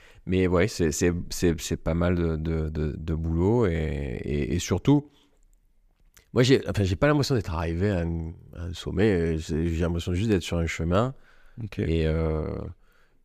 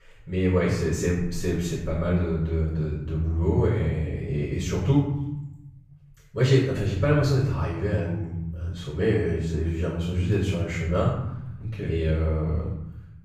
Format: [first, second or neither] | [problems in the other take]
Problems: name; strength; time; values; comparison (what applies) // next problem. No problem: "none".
first | room echo; noticeable; dies away in 1.1 s // off-mic speech; far